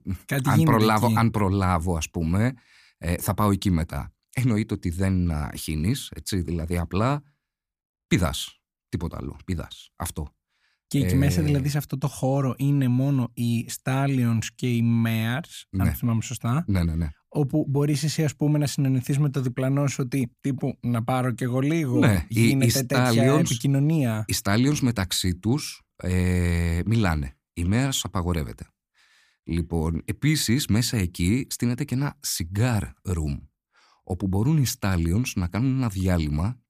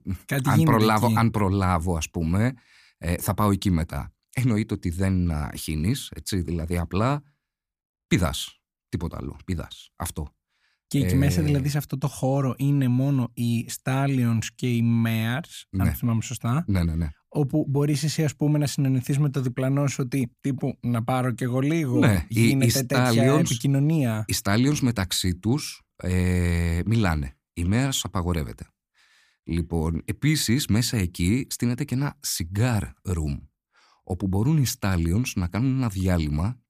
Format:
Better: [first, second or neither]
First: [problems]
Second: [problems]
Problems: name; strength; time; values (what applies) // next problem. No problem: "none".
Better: neither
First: none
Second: none